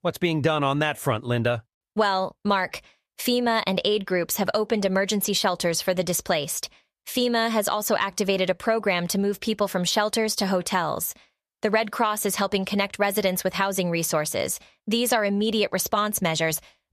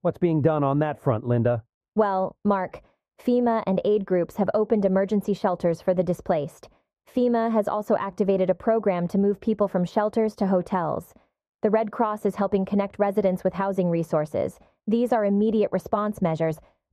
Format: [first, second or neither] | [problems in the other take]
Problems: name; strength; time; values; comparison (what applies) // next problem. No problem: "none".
first | muffled; very; fading above 2 kHz